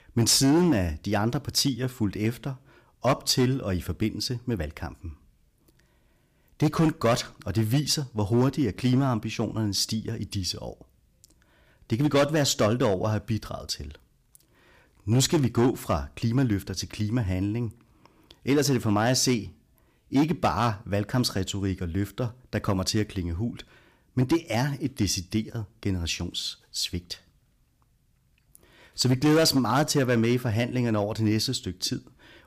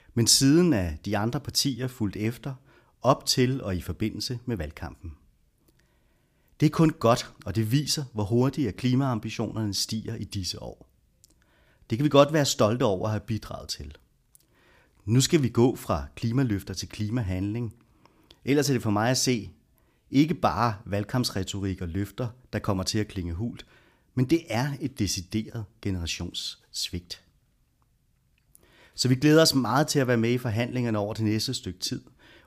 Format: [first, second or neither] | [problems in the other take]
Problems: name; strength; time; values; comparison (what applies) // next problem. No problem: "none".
second | distortion; slight; 4% of the sound clipped